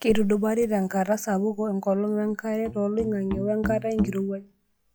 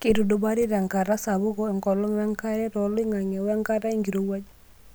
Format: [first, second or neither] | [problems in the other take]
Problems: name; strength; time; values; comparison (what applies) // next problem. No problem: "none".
second | noise reduction (classical method log-MMSE)